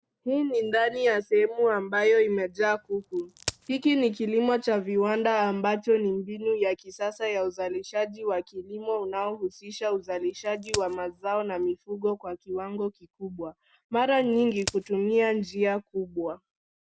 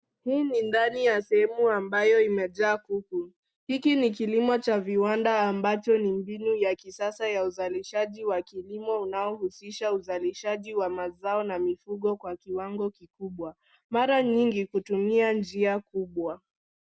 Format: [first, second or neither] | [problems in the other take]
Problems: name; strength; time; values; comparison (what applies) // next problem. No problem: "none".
second | background sound (Crack); 15 dB below the speech